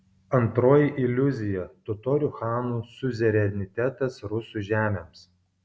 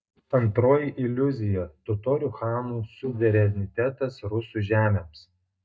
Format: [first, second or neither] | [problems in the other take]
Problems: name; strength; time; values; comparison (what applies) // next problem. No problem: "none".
first | noise reduction (neural mask model DeepFilterNet 3)